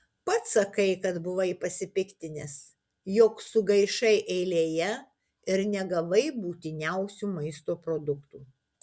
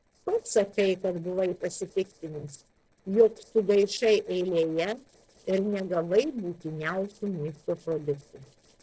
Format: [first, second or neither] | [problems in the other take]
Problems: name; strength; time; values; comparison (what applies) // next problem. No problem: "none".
first | noise reduction (neural separator model SepFormer DNS4)